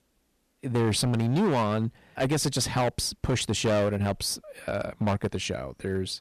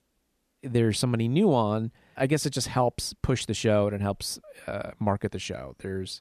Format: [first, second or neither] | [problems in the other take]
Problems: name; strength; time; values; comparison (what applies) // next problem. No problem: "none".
second | distortion; heavy; 11% of the sound clipped